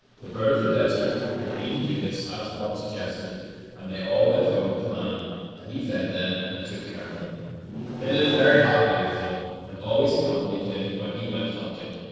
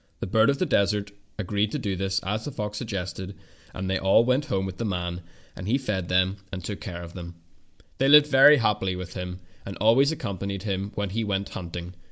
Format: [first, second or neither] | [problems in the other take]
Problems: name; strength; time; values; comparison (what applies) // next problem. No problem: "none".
second | noise reduction (neural separator model SepFormer DNS4)